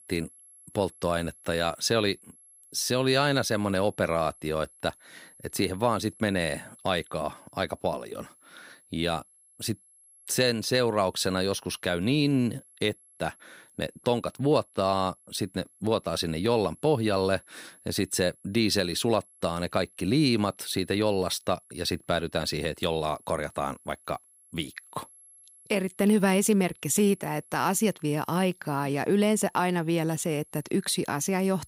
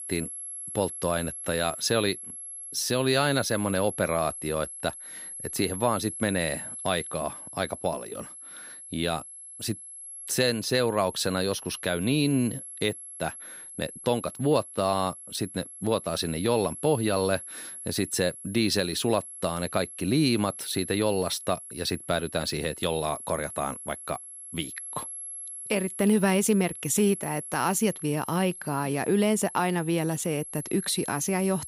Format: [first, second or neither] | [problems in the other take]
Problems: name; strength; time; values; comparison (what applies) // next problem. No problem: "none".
first | high-pitched whine; loud; throughout; 11 kHz, 10 dB below the speech; faint in the first